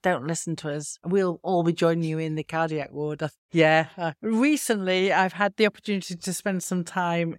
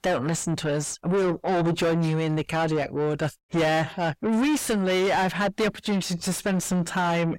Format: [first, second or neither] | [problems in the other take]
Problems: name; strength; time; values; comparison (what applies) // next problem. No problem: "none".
first | distortion; heavy; 5 dB below the speech